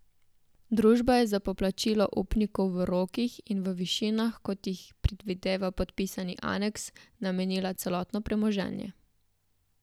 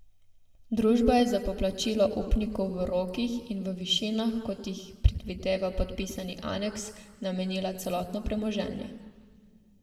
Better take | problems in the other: first | room echo; dies away in 1.3 s

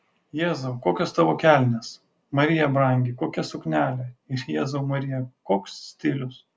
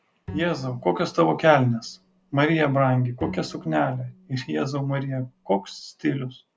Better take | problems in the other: first | background sound (Bowed string instrument); 19 dB below the speech

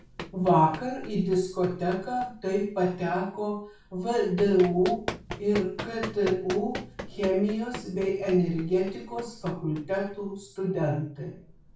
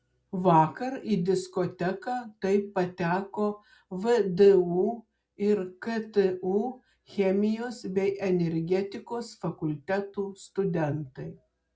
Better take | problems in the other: second | background sound (Run); 14 dB below the speech // room echo; dies away in 0.4 s

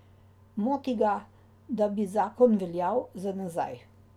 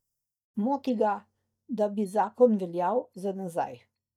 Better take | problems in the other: first | noise reduction (neural mask model DeepFilterNet 3)

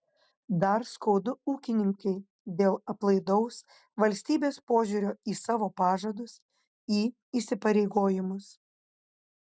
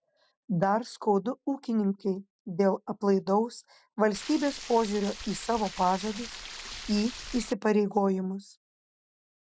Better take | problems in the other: first | background sound (Stream); 12 dB below the speech

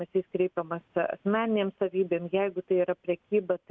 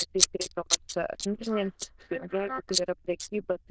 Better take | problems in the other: first | noise reduction (neural diffusion model UNIVERSE++)

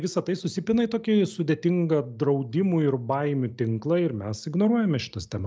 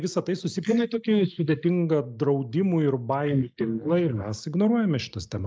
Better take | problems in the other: first | noise reduction (neural mask model Resemble Enhance denoiser)

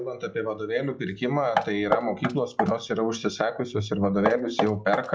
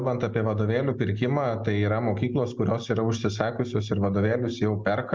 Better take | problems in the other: second | noise reduction (classical method log-MMSE)

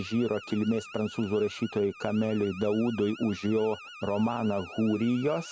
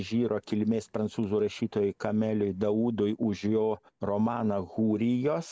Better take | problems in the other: second | background sound (Alarm); 17 dB below the speech

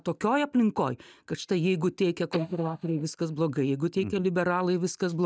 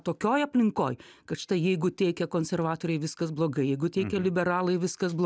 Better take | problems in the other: second | noise reduction (neural mask model DeepFilterNet 3)

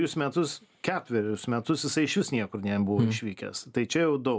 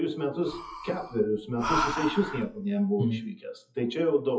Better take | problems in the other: first | noise reduction (classical method WPE with log-MMSE)

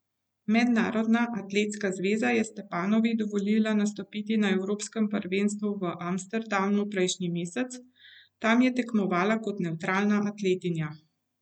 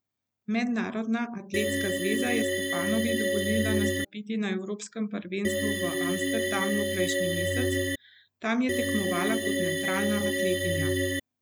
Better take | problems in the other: first | background sound (Organ); 3 dB above the speech

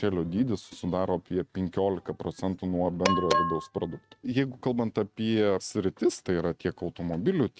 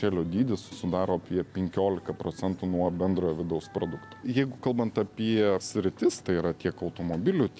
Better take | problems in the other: second | noise reduction (neural mask model RNNoise)

